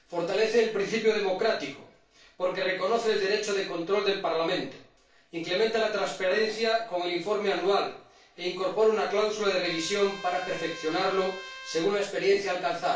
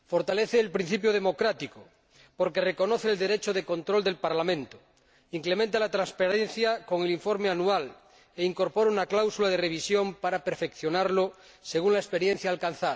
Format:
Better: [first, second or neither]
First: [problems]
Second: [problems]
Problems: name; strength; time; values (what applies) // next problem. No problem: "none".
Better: second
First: background sound (Trumpet); 15 dB below the speech // room echo; dies away in 0.3 s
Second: none